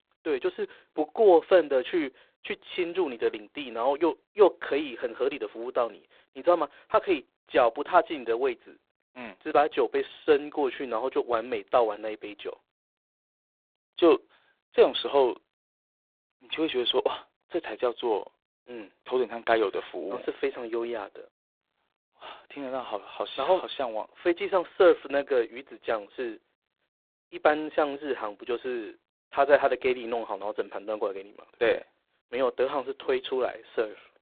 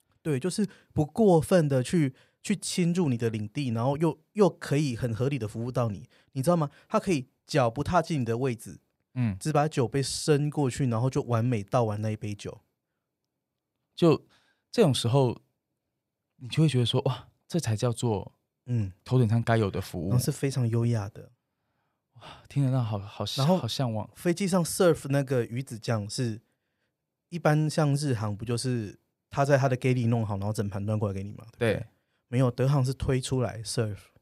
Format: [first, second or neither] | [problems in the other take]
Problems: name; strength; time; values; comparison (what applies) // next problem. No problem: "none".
second | phone-call audio; poor line; nothing above 3.5 kHz